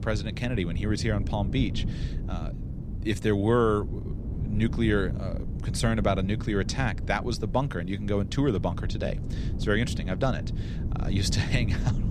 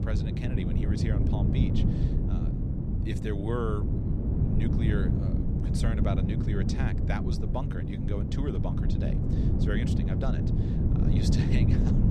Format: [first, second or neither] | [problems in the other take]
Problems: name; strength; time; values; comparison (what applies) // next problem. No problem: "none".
first | wind noise on the microphone; heavy; 1 dB above the speech; occasional gusts in the first